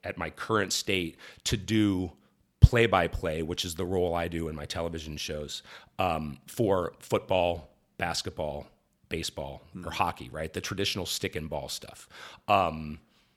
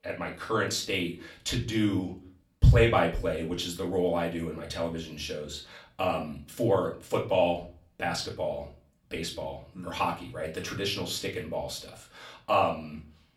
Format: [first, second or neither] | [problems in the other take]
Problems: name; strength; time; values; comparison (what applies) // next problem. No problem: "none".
first | off-mic speech; far // room echo; very slight; dies away in 0.3 s